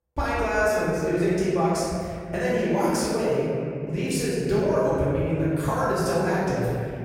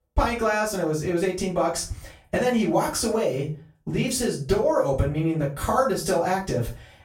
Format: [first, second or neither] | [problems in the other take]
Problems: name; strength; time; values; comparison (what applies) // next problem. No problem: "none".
second | room echo; strong; dies away in 2.5 s; slight in the second // off-mic speech; far; far in the second